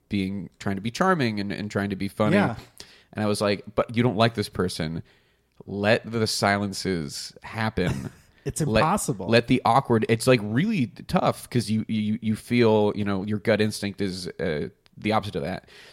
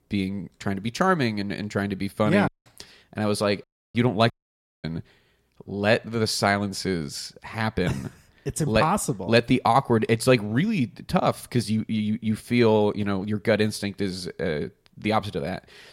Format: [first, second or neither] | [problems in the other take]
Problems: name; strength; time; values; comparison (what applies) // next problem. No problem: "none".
first | audio cutting out; at 2.5 s, at 3.5 s and at 4.5 s for 0.5 s